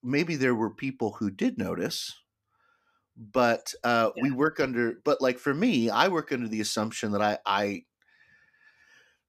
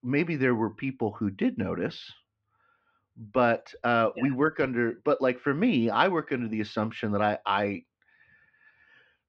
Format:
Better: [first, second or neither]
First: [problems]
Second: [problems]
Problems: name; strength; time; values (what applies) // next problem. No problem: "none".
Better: first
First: none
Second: muffled; slightly; fading above 3.5 kHz